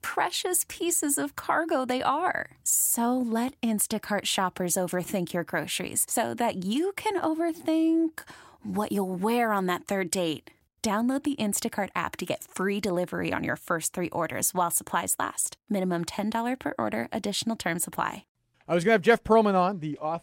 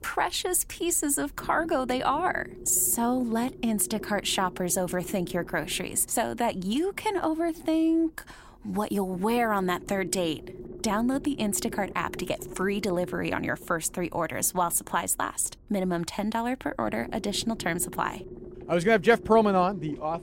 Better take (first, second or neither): first